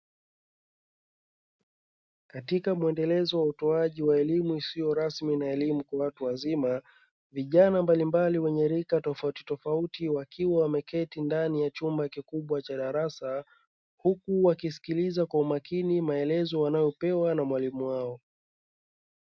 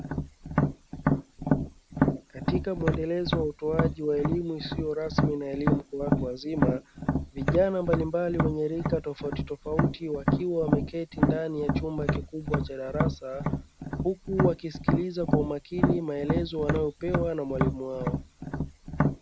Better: first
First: none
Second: background sound (Tap); 2 dB above the speech

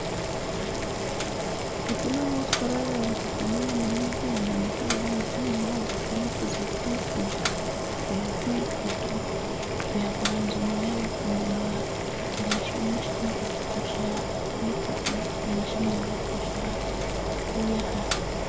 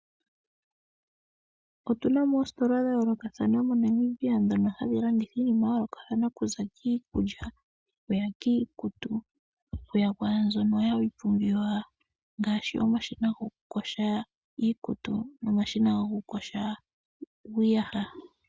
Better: second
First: background sound (Boiling); 3 dB above the speech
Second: none

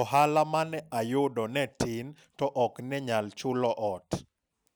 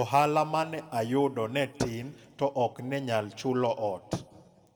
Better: first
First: none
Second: room echo; dies away in 1.5 s

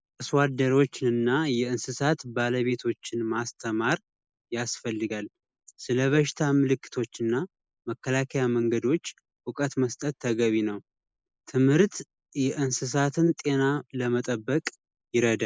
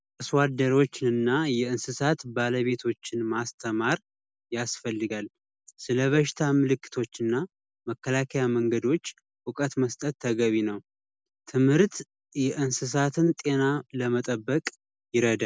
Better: second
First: noise reduction (neural mask model Resemble Enhance denoiser)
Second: none

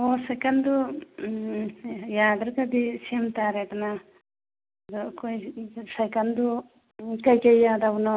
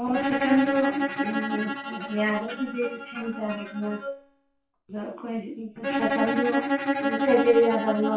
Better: first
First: none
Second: noise reduction (classical method WPE with log-MMSE)

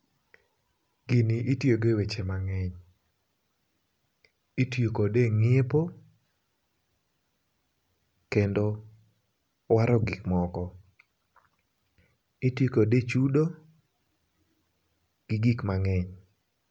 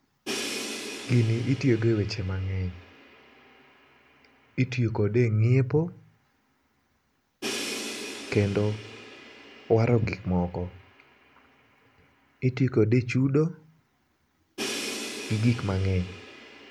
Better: first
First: none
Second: background sound (Crash cymbal); 12 dB below the speech

